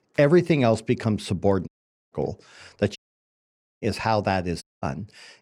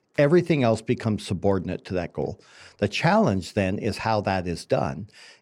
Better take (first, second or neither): second